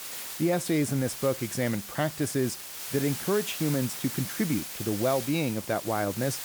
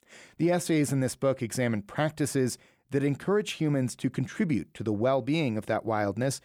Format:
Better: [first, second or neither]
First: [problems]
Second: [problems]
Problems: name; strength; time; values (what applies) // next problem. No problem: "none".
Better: second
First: hiss; loud; throughout; 7 dB below the speech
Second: none